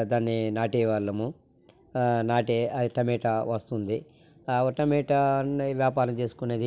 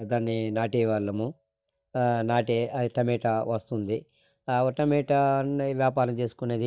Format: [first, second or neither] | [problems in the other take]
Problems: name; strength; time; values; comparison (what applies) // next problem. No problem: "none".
first | noise reduction (neural mask model DeepFilterNet 3)